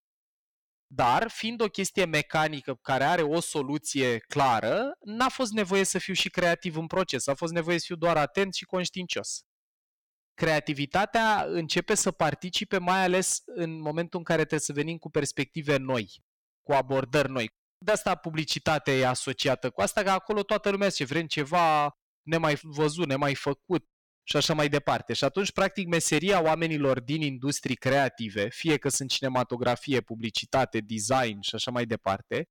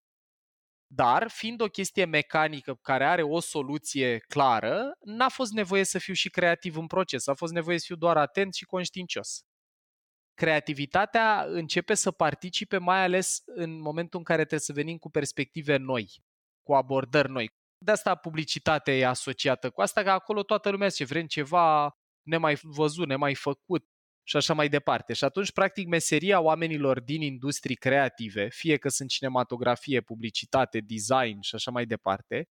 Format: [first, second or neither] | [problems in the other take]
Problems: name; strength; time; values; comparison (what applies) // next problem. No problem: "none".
second | distortion; slight; 5% of the sound clipped